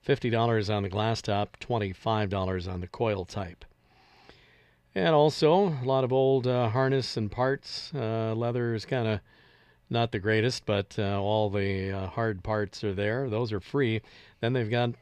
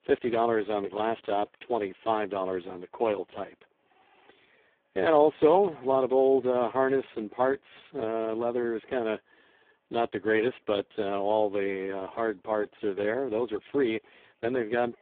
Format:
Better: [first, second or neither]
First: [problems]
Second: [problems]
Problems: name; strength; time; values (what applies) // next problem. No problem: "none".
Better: first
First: none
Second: phone-call audio; poor line